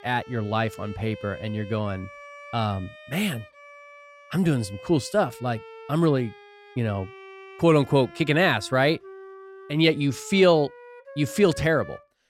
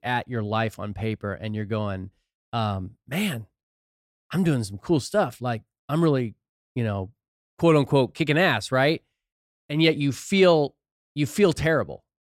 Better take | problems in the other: second | background music; noticeable; throughout; 20 dB below the speech

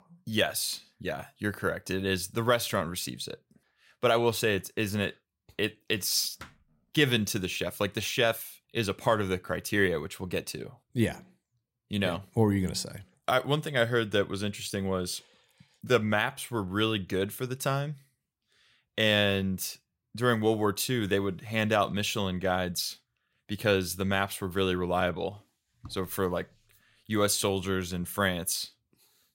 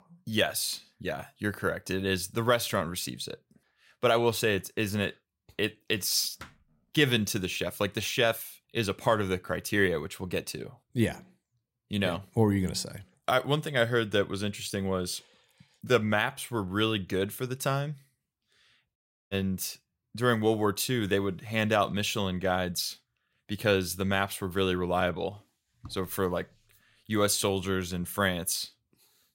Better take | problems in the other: first | audio cutting out; at 19 s

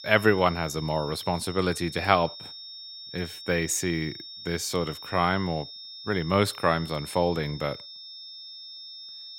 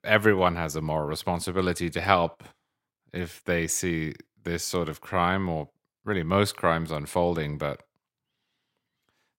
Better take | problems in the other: second | high-pitched whine; noticeable; throughout; 5.5 kHz, 15 dB below the speech

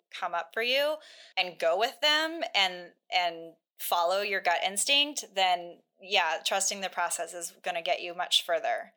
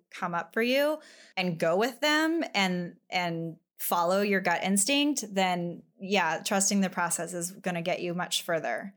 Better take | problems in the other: second | thin; very; fading below 550 Hz

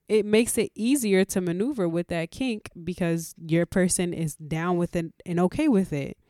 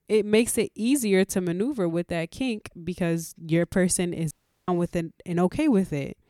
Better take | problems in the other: first | audio cutting out; at 4.5 s

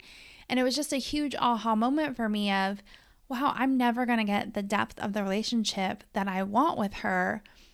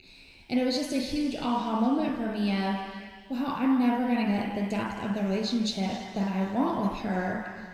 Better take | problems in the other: first | room echo; noticeable; dies away in 1.9 s // off-mic speech; far

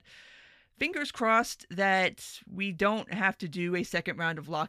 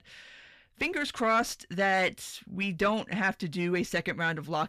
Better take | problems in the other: first | distortion; slight; 10 dB below the speech

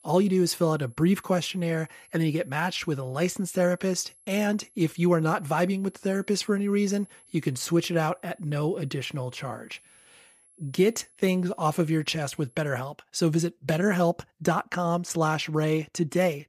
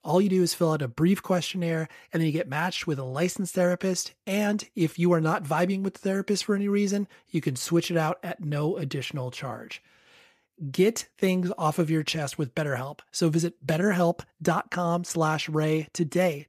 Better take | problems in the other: second | high-pitched whine; faint; until 13 s; 11 kHz, 30 dB below the speech

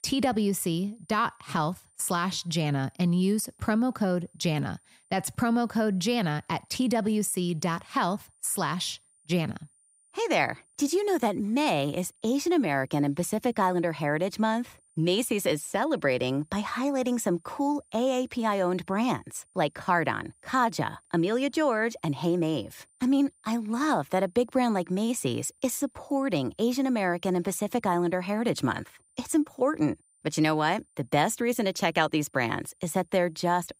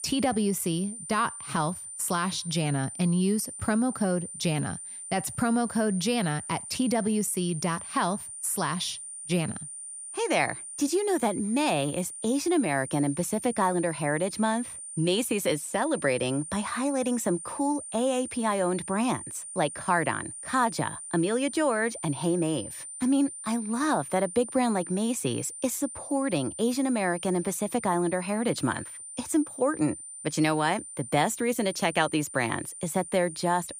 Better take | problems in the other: first | high-pitched whine; loud; throughout; 9 kHz, 10 dB below the speech; faint in the first

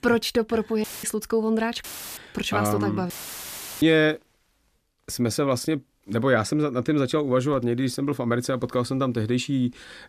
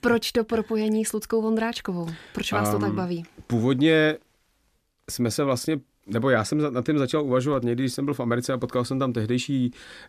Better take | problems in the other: second | audio cutting out; filled with static; at 1 s, at 2 s and at 3 s for 0.5 s

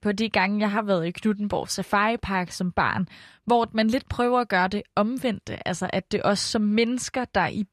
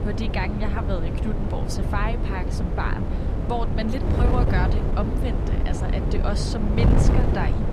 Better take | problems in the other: first | wind noise on the microphone; heavy; 2 dB below the speech

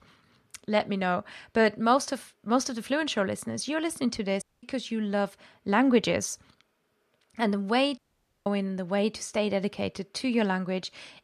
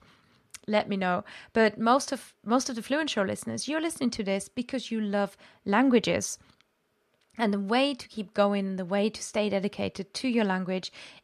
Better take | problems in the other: second | audio cutting out; at 4.5 s and at 8 s

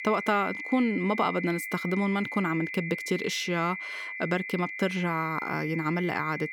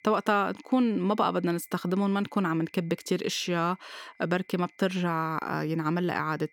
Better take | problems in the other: second | high-pitched whine; loud; throughout; 2 kHz, 6 dB below the speech; faint in the second

